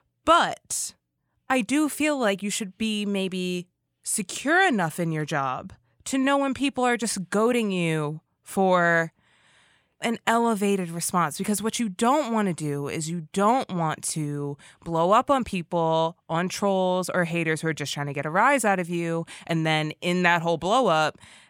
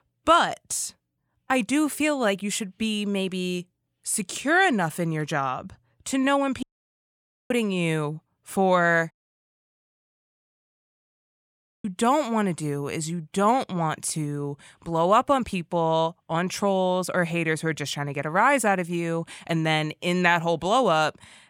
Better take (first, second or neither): first